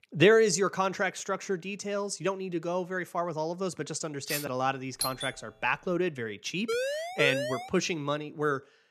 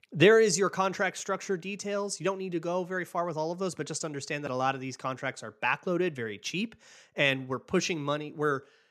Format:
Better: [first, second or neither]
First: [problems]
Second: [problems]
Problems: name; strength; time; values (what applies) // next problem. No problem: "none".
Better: second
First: clattering dishes; noticeable; at 4.5 s; peak 6 dB below the speech // doorbell; noticeable; at 5 s; peak 3 dB below the speech // siren; noticeable; from 6.5 to 7.5 s; peak 1 dB below the speech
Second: none